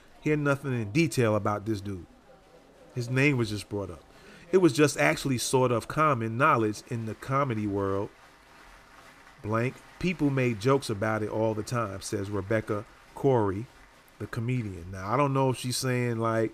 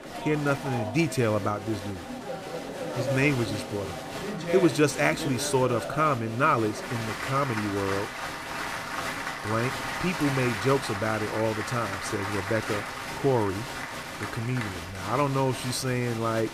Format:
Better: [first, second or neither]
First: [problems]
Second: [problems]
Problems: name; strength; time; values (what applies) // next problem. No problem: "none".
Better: first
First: crowd noise; faint; throughout; 25 dB below the speech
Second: crowd noise; loud; throughout; 6 dB below the speech